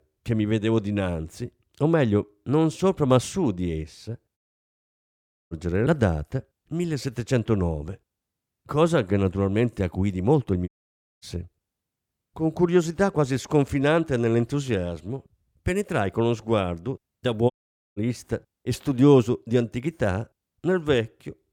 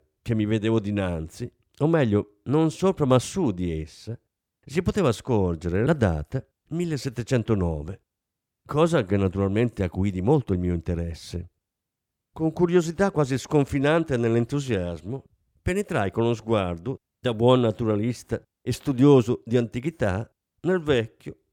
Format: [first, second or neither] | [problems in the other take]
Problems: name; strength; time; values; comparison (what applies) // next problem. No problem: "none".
second | audio cutting out; at 4.5 s for 1 s, at 11 s for 0.5 s and at 18 s